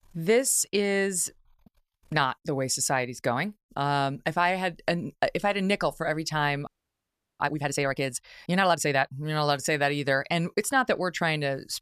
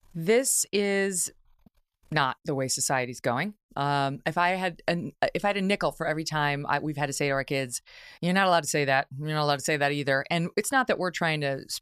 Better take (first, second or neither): second